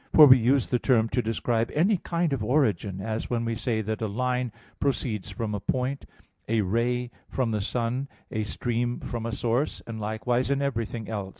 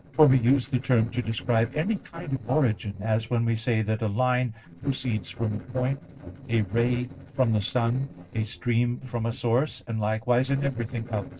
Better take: first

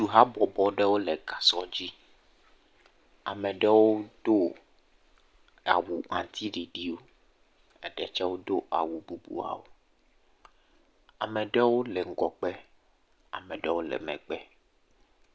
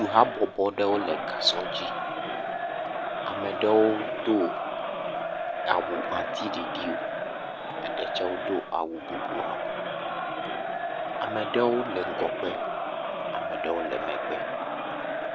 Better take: first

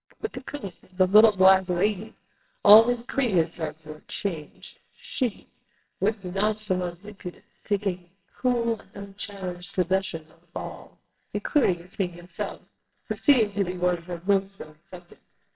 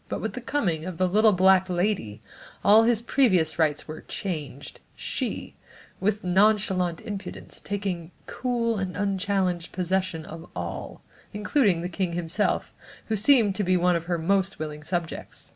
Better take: second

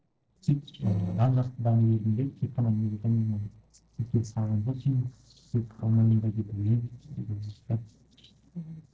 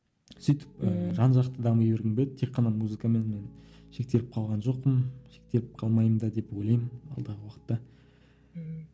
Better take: second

